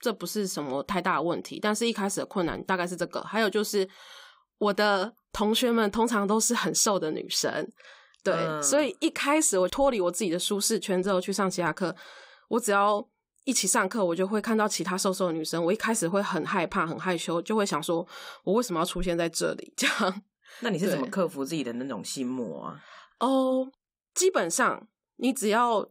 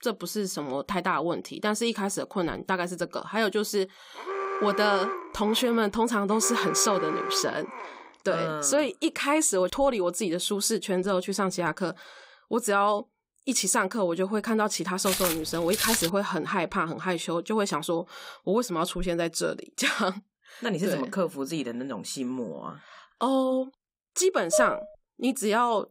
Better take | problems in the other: first | alarm; noticeable; from 4 to 8 s; peak 3 dB below the speech // footsteps; loud; from 15 to 16 s; peak 2 dB above the speech // clattering dishes; loud; at 25 s; peak 1 dB above the speech

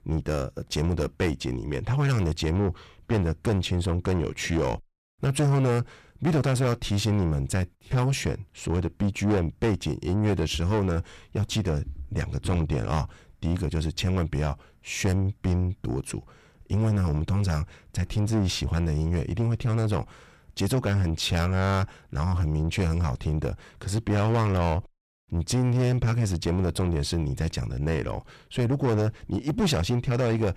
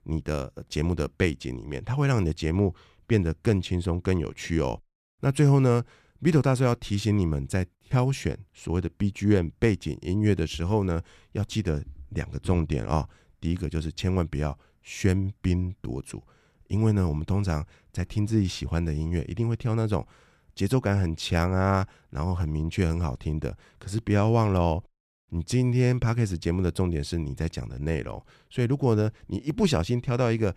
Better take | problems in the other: second | distortion; heavy; 7 dB below the speech

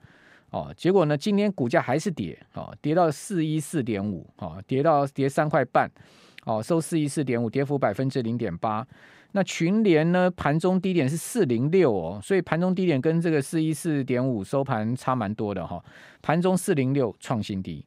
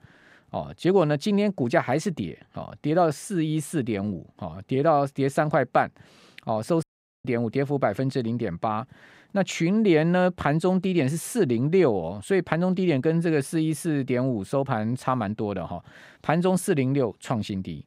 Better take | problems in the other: first | audio cutting out; at 7 s

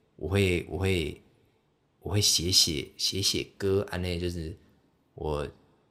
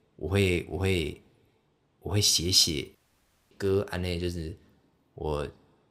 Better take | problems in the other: first | audio cutting out; at 3 s for 0.5 s

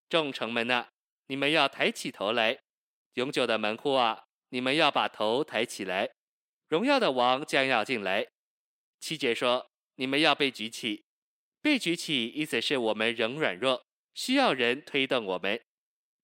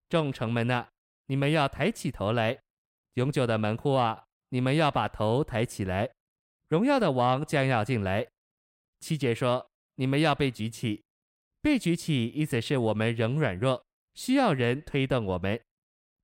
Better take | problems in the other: second | thin; very slightly; fading below 250 Hz

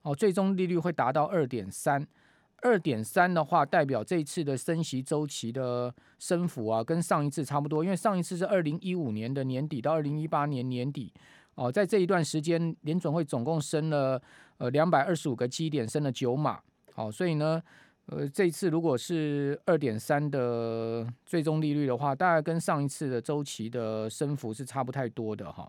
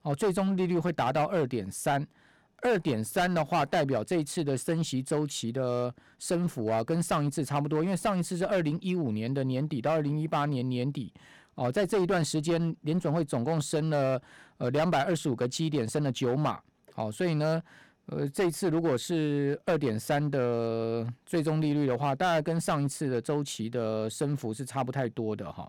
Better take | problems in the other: first | distortion; slight; 10% of the sound clipped

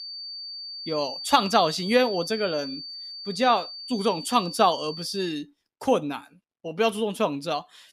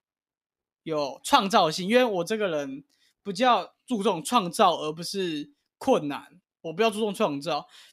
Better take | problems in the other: second | high-pitched whine; loud; until 5.5 s; 4.5 kHz, 9 dB below the speech

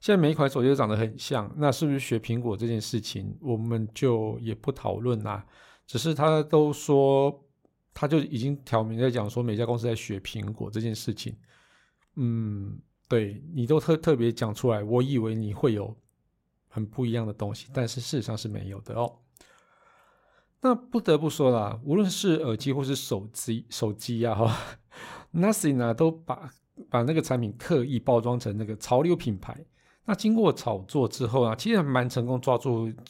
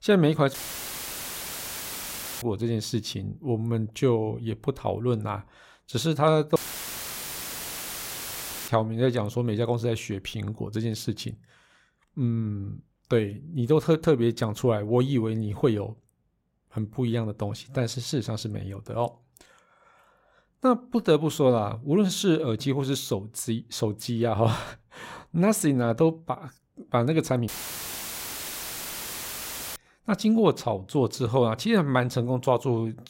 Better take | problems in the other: first | audio cutting out; filled with static; at 0.5 s for 2 s, at 6.5 s for 2 s and at 27 s for 2.5 s

